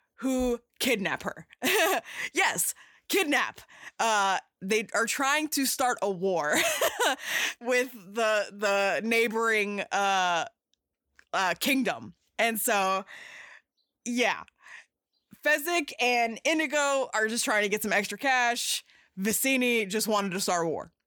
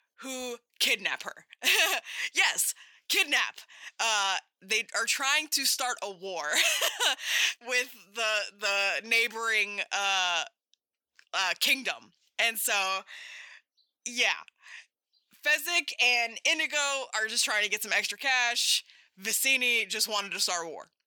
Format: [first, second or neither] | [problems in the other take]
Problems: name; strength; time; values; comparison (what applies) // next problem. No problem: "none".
first | thin; somewhat; fading below 1 kHz